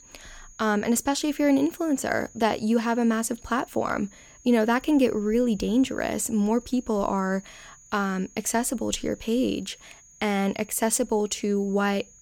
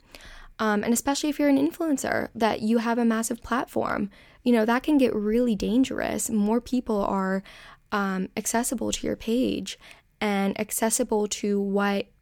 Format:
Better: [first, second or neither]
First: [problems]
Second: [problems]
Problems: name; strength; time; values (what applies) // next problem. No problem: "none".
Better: second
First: high-pitched whine; faint; throughout; 7 kHz, 25 dB below the speech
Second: none